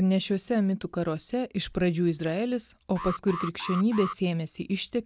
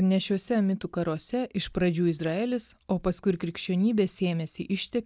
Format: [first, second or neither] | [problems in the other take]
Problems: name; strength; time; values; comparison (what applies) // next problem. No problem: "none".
second | background sound (Alarm); 10 dB below the speech